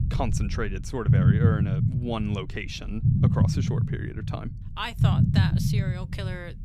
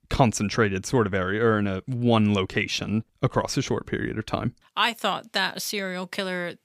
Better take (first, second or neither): second